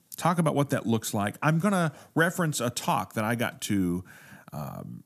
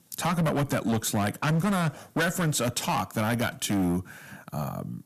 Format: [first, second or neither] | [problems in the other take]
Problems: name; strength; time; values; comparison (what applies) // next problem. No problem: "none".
first | distortion; heavy; 16% of the sound clipped